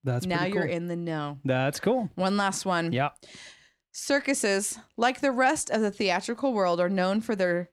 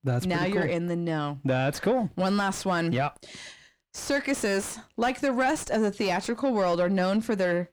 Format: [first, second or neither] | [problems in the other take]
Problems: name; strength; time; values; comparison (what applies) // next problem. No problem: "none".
first | distortion; slight; 10 dB below the speech